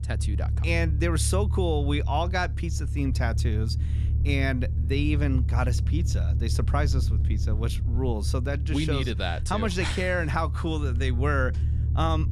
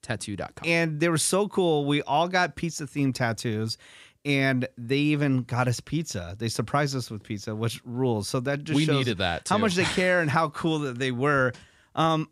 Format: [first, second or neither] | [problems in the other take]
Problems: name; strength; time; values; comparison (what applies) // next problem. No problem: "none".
second | low rumble; noticeable; throughout; 15 dB below the speech